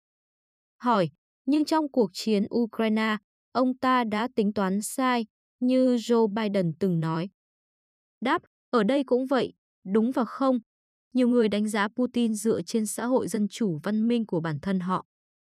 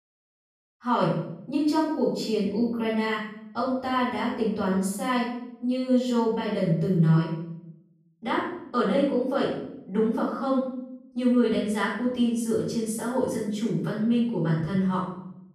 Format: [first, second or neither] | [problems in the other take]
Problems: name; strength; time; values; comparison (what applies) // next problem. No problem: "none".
first | off-mic speech; far // room echo; noticeable; dies away in 0.7 s